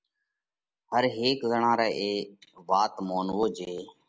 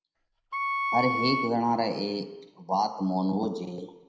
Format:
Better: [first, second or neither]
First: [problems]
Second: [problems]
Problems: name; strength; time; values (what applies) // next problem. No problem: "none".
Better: first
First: none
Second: background sound (Wind instrument, woodwind instrument); 2 dB below the speech // room echo; dies away in 0.7 s